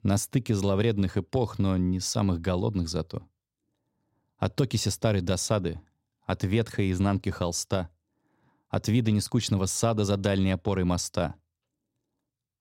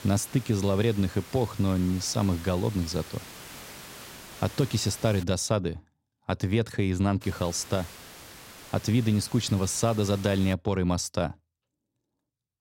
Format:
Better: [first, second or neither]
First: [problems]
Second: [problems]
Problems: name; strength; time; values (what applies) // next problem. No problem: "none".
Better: first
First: none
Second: hiss; noticeable; until 5 s and from 7 to 11 s; 15 dB below the speech